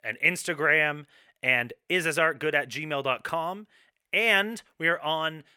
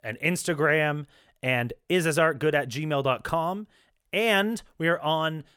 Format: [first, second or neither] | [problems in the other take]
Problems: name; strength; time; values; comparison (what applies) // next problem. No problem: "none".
second | thin; very slightly; fading below 550 Hz